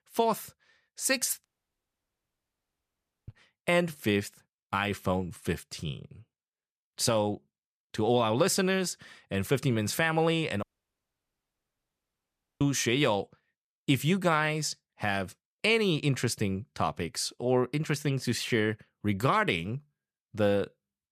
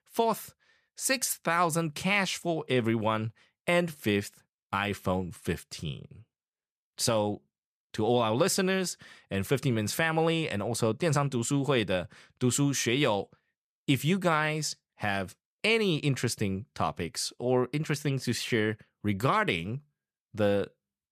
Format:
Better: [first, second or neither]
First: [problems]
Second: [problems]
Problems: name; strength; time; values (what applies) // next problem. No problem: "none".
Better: second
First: audio cutting out; at 1.5 s for 2 s and at 11 s for 2 s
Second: none